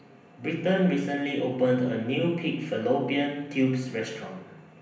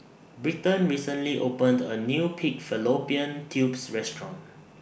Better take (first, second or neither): second